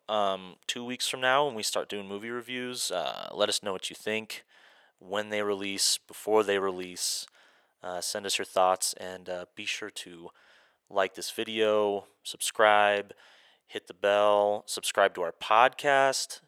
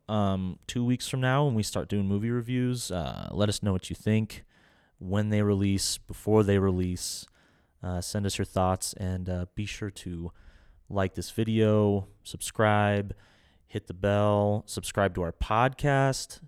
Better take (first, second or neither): second